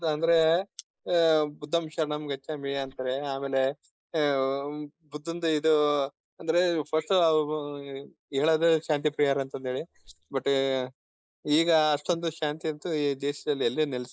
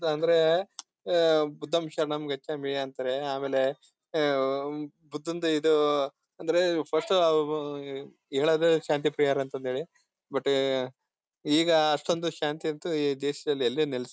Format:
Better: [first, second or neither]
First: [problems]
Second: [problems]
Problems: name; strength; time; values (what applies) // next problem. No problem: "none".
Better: second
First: noise reduction (neural mask model Resemble Enhance denoiser)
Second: none